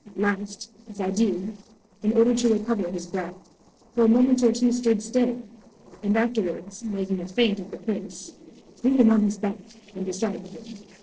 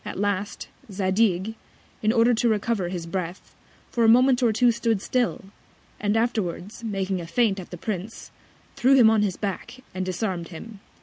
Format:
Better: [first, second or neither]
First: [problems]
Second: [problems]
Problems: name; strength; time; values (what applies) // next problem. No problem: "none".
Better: second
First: noise reduction (neural separator model SepFormer DNS4)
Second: none